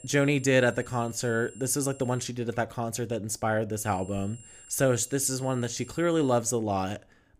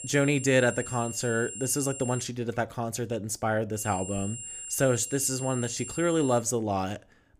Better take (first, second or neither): first